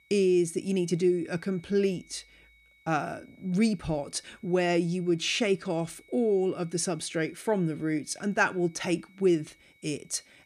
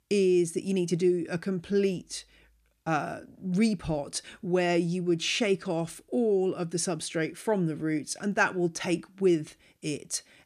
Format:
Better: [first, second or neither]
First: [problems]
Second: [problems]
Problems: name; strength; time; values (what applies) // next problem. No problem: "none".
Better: second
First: high-pitched whine; faint; throughout; 2 kHz, 30 dB below the speech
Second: none